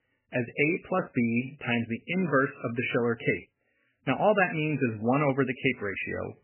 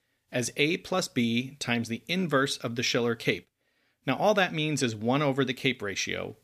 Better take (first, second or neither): second